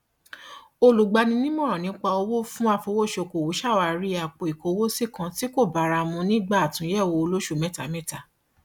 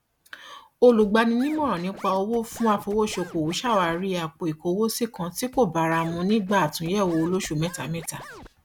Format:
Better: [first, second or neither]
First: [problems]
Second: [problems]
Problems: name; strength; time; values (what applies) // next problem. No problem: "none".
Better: first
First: none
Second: background sound (Scratching (performance technique)); 19 dB below the speech